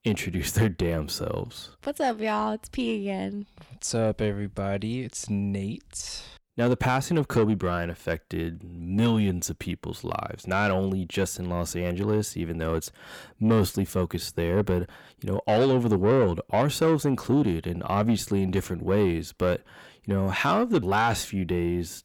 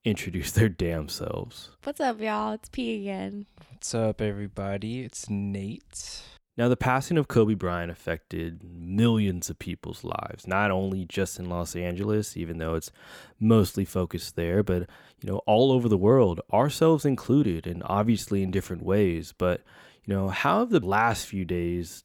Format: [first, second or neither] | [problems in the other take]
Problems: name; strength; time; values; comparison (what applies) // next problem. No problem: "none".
second | distortion; slight; 10 dB below the speech